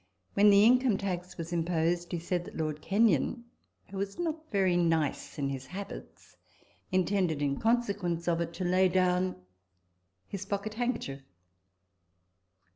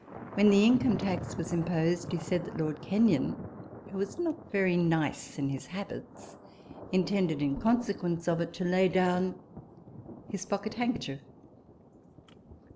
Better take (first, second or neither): first